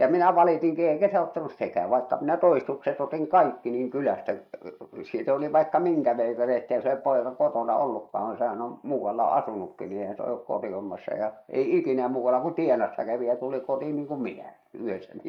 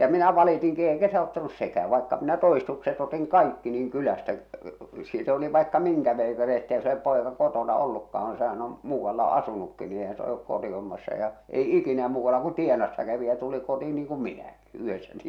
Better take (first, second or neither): second